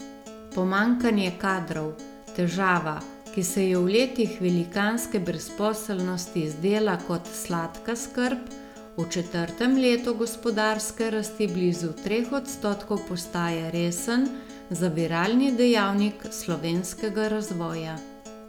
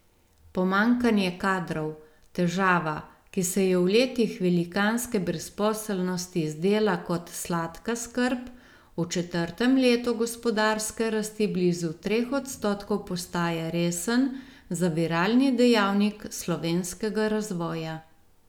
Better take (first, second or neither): second